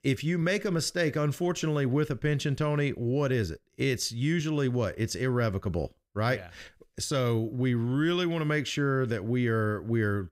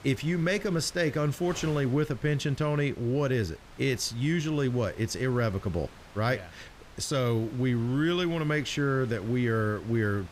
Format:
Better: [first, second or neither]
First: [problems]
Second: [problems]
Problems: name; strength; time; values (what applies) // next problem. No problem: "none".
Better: first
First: none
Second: wind noise on the microphone; occasional gusts; 20 dB below the speech